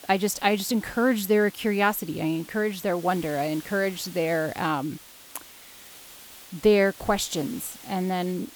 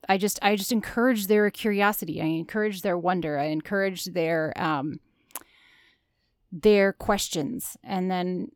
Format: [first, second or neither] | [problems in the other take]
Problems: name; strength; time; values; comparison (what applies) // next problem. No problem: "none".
second | hiss; noticeable; throughout; 20 dB below the speech